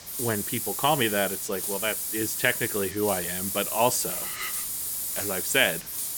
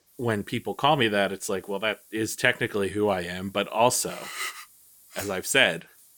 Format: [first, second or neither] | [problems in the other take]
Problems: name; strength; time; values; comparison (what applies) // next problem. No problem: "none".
second | hiss; loud; throughout; 1 dB below the speech; faint in the second